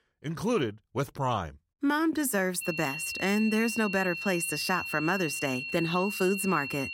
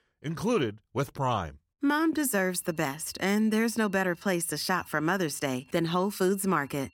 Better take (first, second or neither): second